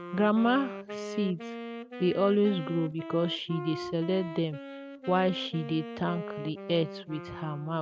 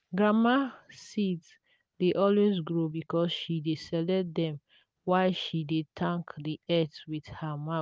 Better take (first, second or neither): second